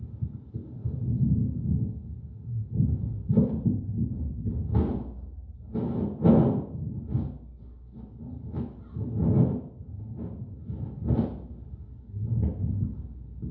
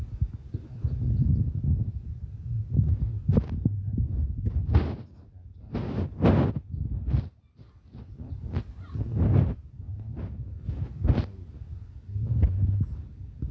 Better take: second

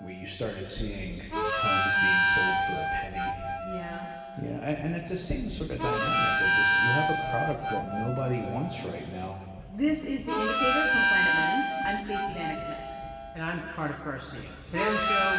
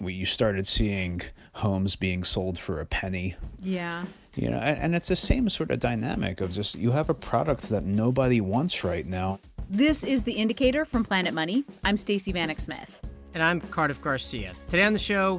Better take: second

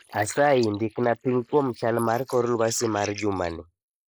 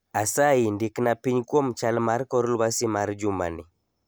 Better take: second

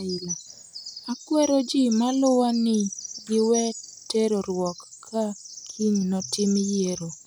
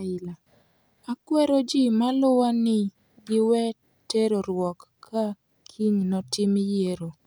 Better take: second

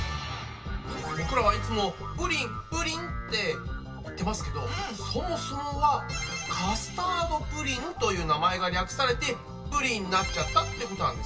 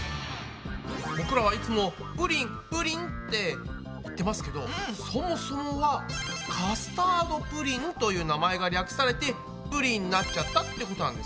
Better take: second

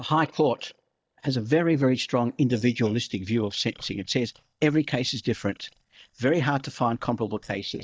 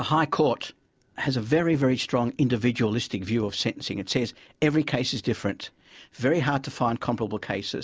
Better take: second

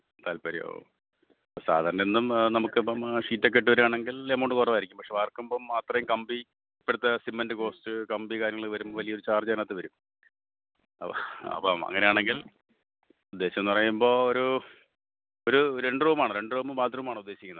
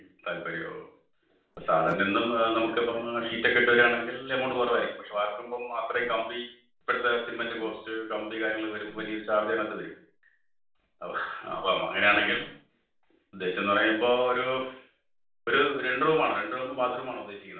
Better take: first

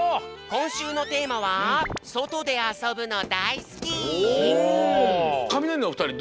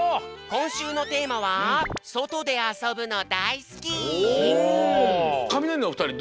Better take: second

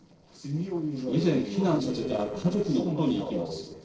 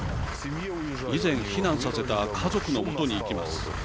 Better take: second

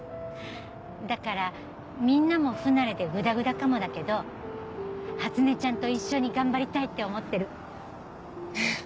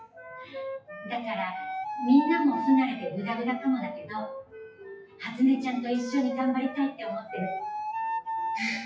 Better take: first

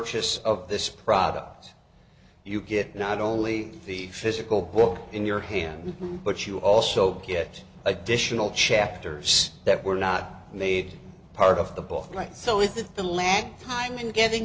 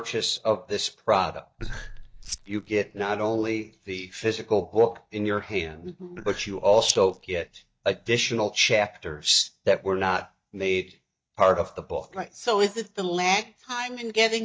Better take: first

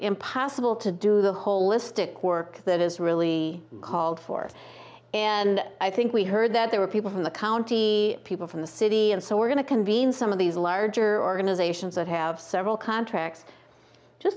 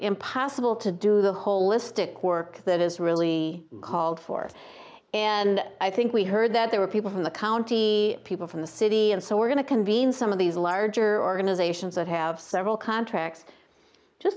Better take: first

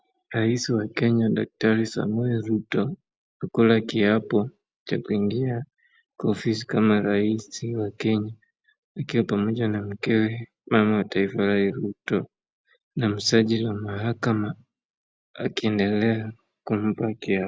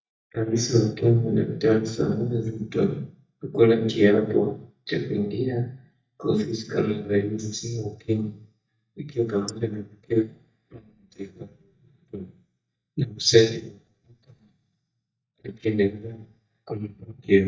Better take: first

